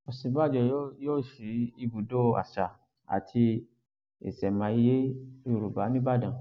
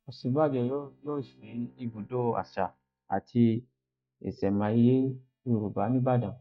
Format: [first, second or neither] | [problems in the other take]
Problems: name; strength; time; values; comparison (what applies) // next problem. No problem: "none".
first | noise reduction (neural mask model DeepFilterNet 3)